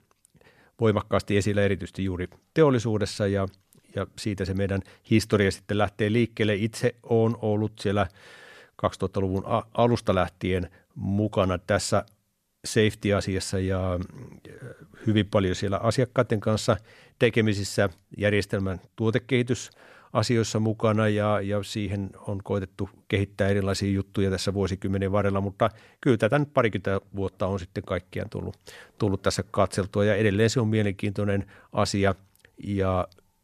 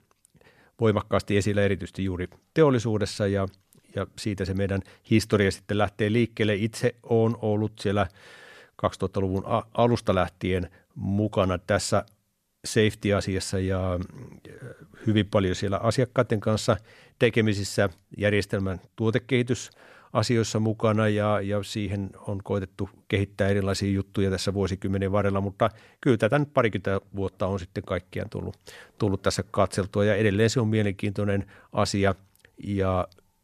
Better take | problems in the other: neither | none

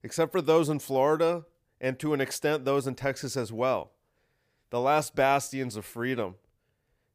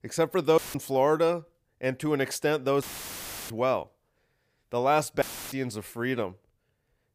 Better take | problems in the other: first | audio cutting out; filled with static; at 0.5 s, at 3 s for 0.5 s and at 5 s

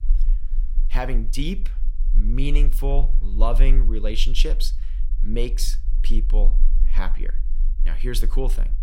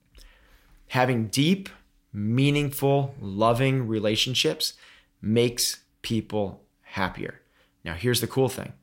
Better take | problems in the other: second | low rumble; noticeable; throughout; 20 dB below the speech

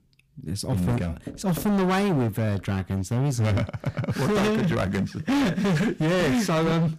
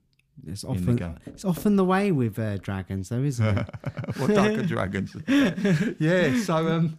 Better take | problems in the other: second | distortion; heavy; 26% of the sound clipped

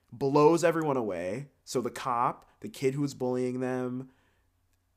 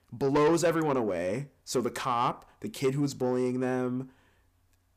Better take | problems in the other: first | distortion; slight; 10 dB below the speech

